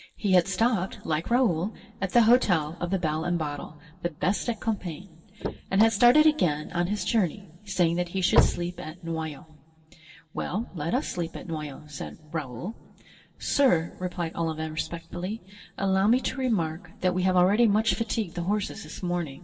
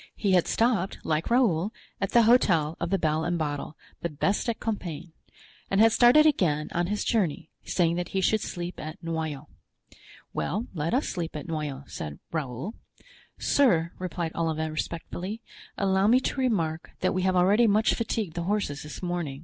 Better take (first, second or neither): second